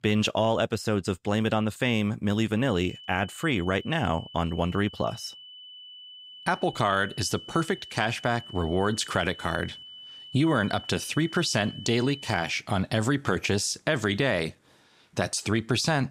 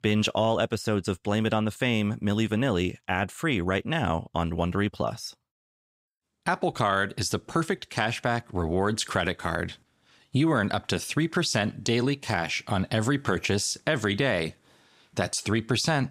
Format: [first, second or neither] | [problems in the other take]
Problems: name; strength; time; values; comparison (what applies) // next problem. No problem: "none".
second | high-pitched whine; noticeable; from 2.5 to 12 s; 3 kHz, 15 dB below the speech